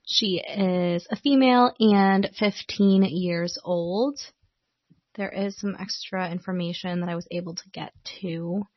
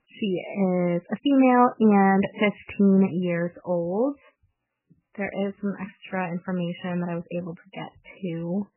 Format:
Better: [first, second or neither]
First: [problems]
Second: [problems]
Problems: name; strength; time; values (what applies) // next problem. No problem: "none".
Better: first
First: garbled, watery; slightly; nothing above 6 kHz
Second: garbled, watery; badly; nothing above 3 kHz